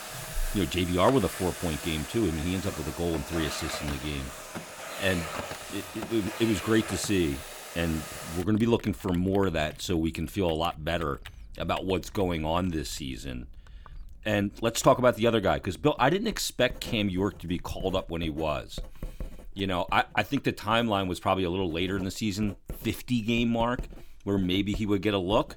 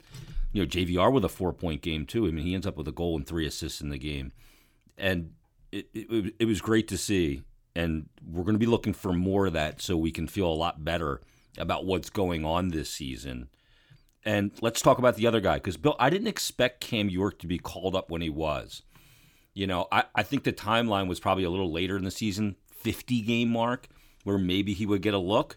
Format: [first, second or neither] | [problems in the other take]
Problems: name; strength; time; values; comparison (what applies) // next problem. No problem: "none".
second | household noises; noticeable; throughout; 10 dB below the speech